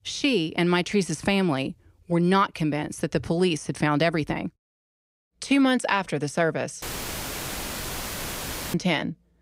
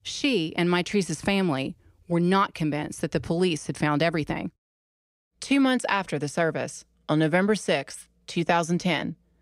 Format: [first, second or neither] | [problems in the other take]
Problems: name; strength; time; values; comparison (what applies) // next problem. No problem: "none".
second | audio cutting out; filled with static; at 7 s for 2 s